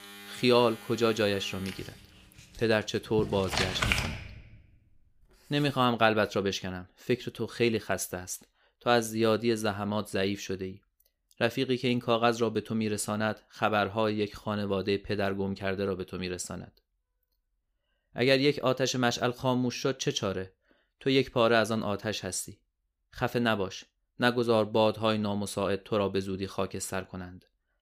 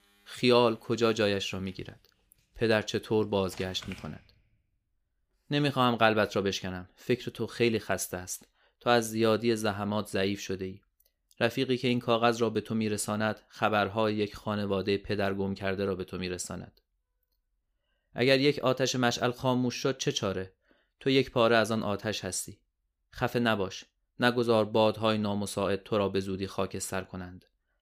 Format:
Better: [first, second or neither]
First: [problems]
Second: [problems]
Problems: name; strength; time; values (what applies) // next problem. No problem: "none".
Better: second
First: household noises; loud; until 6 s; 6 dB below the speech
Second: household noises; faint; until 6 s; 25 dB below the speech